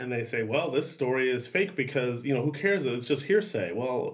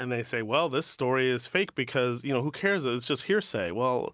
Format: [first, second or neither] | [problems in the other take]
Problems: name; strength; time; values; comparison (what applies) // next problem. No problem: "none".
second | room echo; dies away in 0.3 s